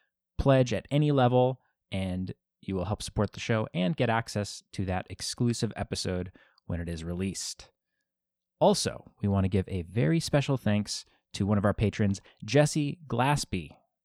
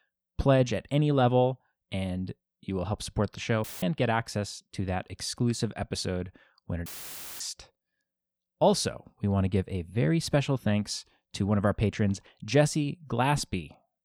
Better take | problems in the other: first | audio cutting out; filled with static; at 3.5 s and at 7 s for 0.5 s

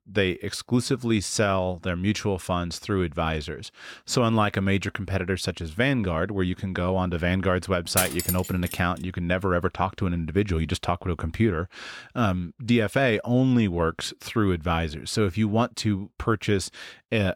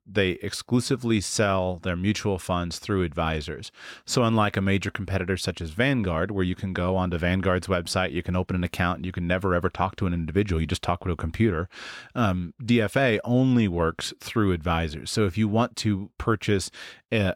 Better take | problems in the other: second | clattering dishes; loud; at 8 s; peak 1 dB above the speech

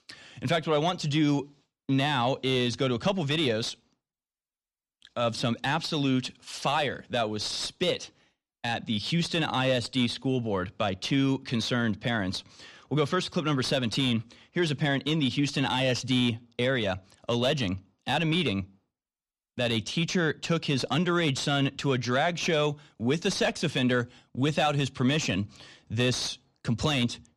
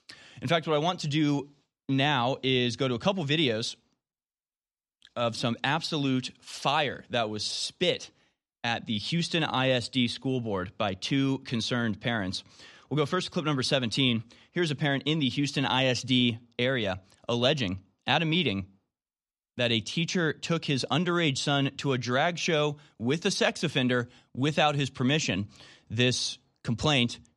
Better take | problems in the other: second | distortion; slight; 10 dB below the speech

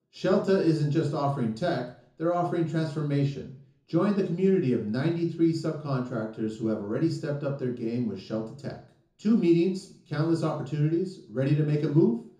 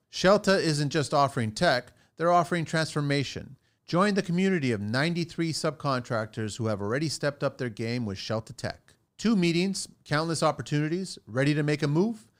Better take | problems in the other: second | room echo; slight; dies away in 0.6 s // off-mic speech; far

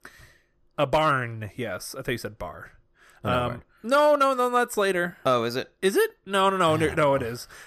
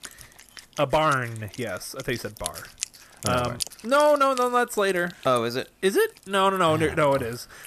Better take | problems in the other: first | background music; noticeable; throughout; 15 dB below the speech

